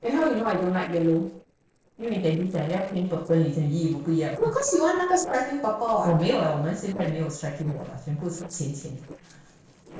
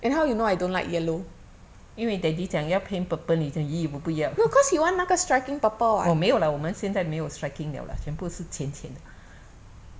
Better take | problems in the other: second | noise reduction (neural separator model SepFormer DNS4)

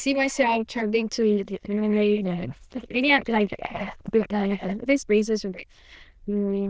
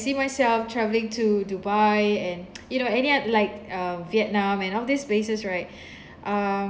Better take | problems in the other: second | noise reduction (neural diffusion model UNIVERSE++)

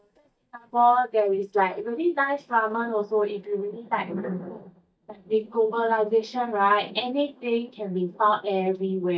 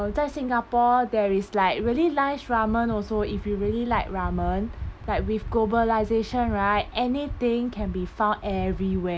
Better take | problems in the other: second | noise reduction (neural mask model DeepFilterNet 3)

